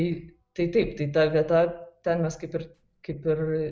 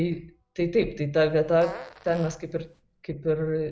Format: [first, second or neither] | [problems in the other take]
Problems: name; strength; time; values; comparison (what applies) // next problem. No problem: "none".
first | background sound (Fart); 18 dB below the speech